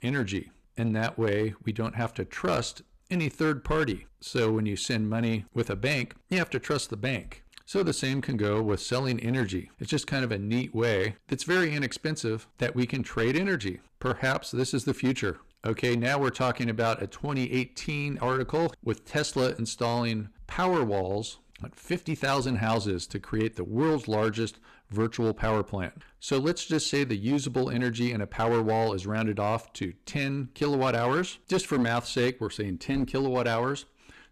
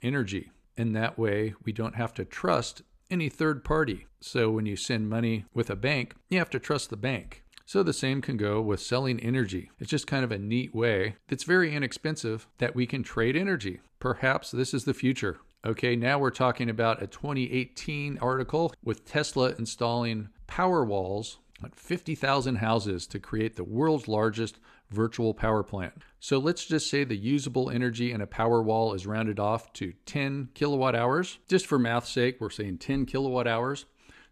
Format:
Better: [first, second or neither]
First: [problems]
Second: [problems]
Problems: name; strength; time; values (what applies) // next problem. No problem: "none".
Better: second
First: distortion; slight; 8% of the sound clipped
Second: none